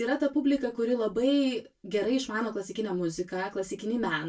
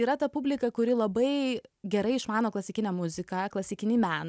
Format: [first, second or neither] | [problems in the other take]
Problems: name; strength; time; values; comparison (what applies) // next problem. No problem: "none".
second | room echo; dies away in 0.2 s